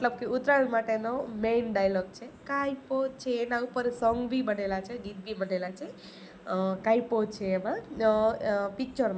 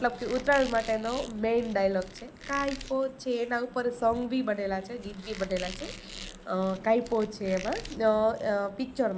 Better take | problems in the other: first | background sound (Squeak); 16 dB below the speech

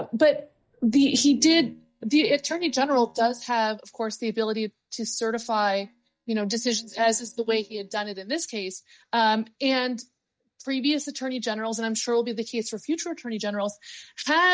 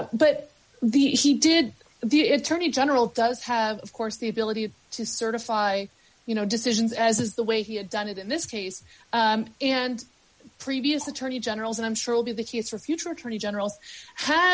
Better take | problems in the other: second | noise reduction (neural mask model DeepFilterNet 3)

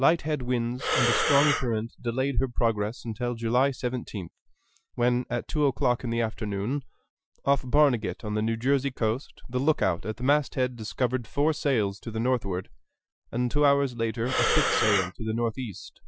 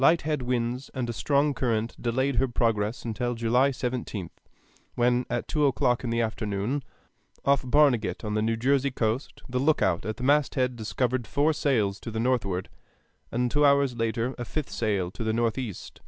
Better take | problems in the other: second | noise reduction (classical method Wiener filter)

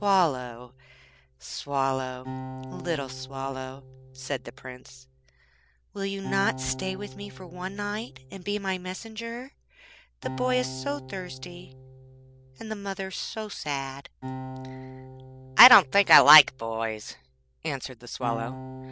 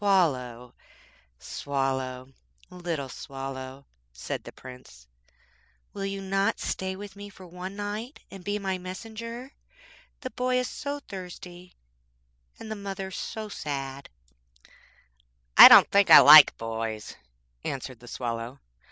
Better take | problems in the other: second | background sound (Acoustic guitar); 13 dB below the speech

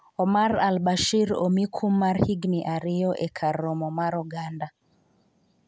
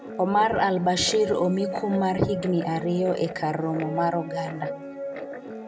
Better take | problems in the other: first | background sound (Guitar); 9 dB below the speech // room echo; dies away in 0.5 s

